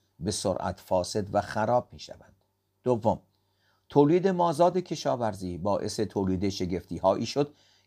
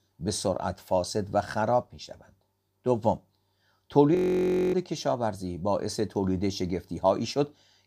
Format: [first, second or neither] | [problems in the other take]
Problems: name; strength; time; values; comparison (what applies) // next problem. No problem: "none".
first | audio freezing; at 4 s for 0.5 s